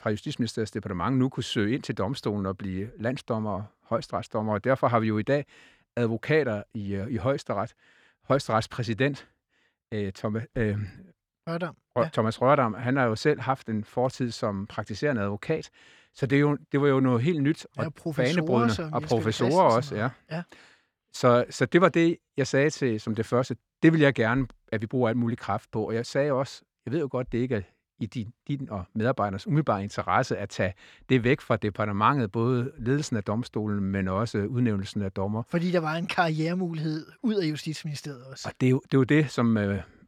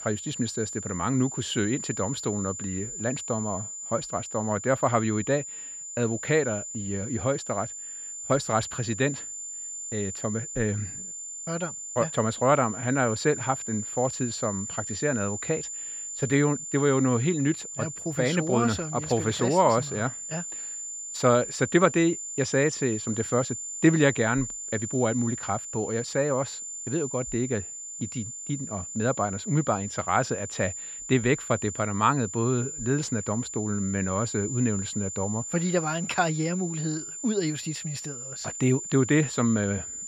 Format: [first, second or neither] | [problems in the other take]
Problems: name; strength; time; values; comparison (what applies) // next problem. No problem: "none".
first | high-pitched whine; loud; throughout; 7 kHz, 7 dB below the speech